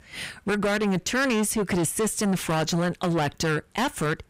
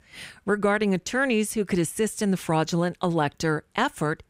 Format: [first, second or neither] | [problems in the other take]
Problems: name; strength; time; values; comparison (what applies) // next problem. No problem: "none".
second | distortion; heavy; 6 dB below the speech